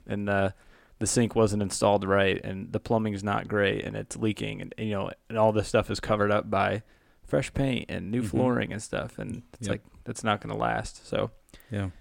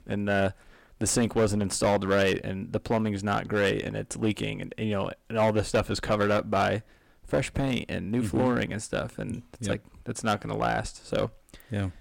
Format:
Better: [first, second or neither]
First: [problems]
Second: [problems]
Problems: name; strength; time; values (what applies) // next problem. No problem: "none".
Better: first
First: none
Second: distortion; slight; 6% of the sound clipped